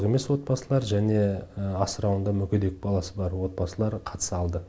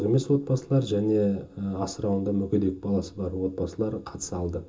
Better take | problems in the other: first | room echo; dies away in 0.2 s

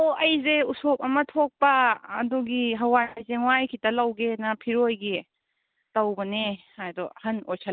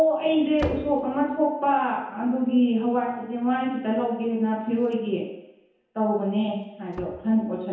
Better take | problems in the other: first | background sound (Slam); 19 dB below the speech // room echo; dies away in 1 s

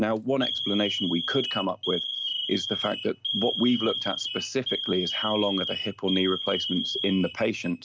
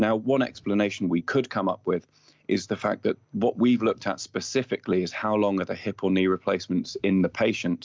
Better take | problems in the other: second | background sound (Alarm); 4 dB below the speech

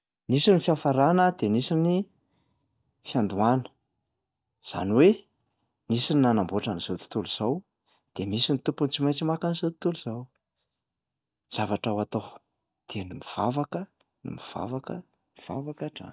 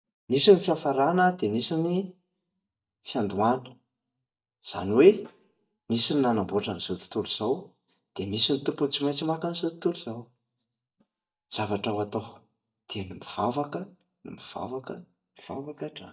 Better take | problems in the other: first | noise reduction (neural mask model DeepFilterNet 3)

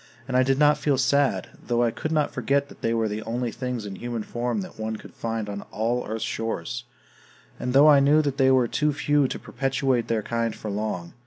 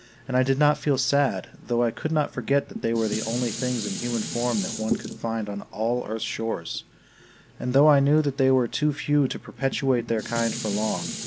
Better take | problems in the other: first | background sound (Dishes, pots, and pans); 12 dB below the speech

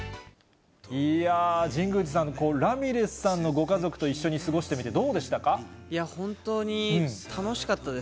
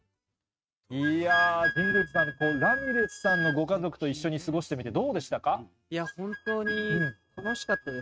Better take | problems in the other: first | noise reduction (neural mask model RNNoise)

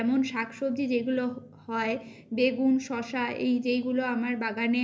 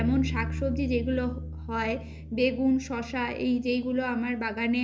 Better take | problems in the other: first | background sound (Bass guitar); 8 dB below the speech

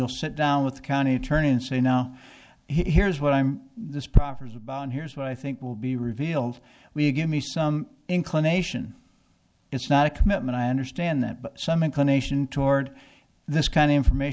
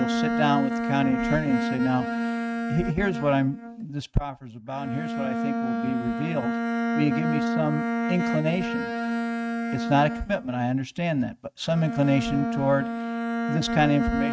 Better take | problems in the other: first | noise reduction (neural mask model RNNoise)

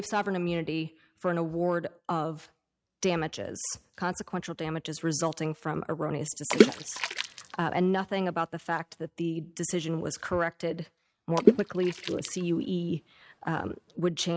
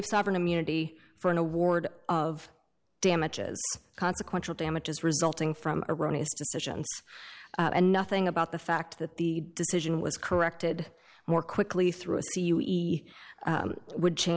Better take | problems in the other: second | noise reduction (neural mask model RNNoise)

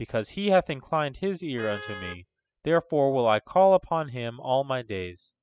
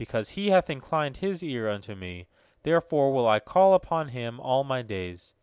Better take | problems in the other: second | noise reduction (classical method spectral subtraction)

